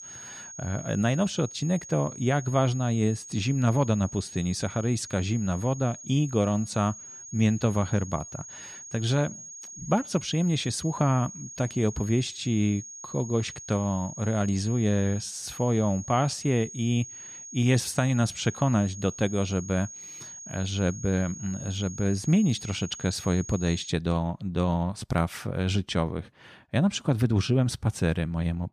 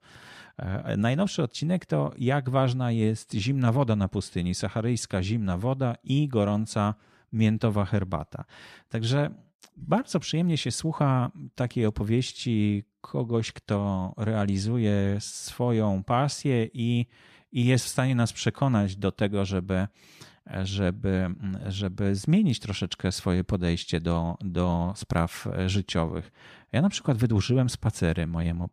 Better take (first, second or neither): second